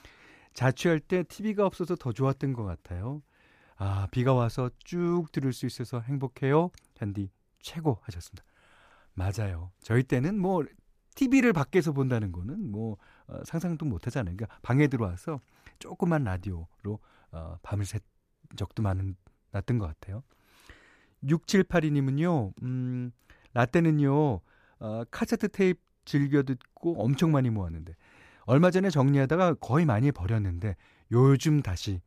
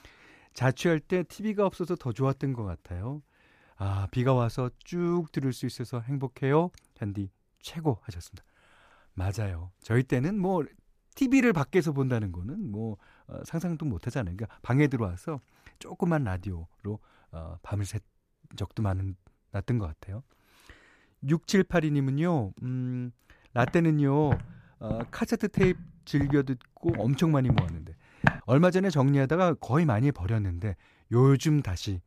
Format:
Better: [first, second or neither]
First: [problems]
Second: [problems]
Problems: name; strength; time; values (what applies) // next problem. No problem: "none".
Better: first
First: none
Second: footsteps; loud; from 24 to 28 s; peak 1 dB above the speech